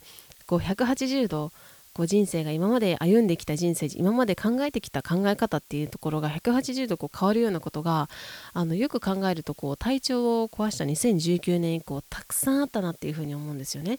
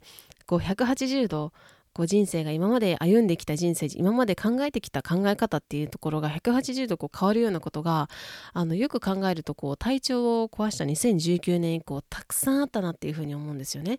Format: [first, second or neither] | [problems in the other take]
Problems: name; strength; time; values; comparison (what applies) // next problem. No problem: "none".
second | hiss; faint; throughout; 25 dB below the speech